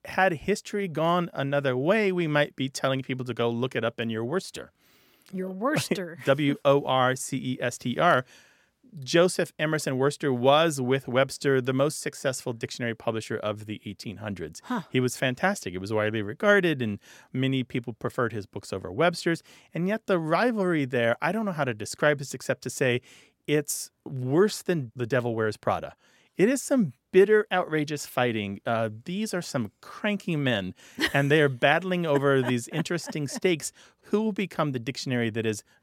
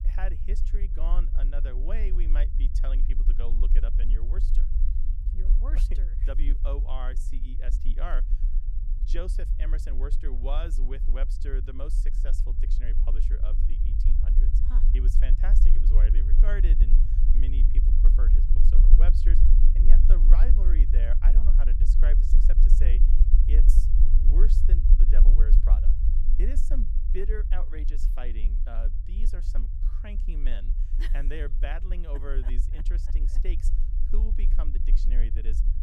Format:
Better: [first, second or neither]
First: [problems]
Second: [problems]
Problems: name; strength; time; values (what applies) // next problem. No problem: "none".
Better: first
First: none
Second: low rumble; loud; throughout; 5 dB below the speech